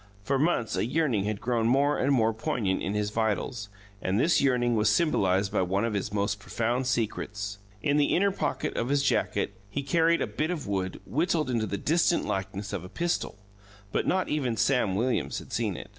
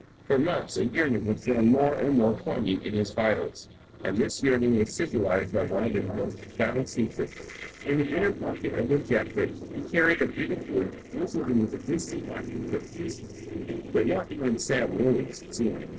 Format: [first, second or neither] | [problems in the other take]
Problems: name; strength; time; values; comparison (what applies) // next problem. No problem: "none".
first | noise reduction (neural separator model SepFormer DNS4)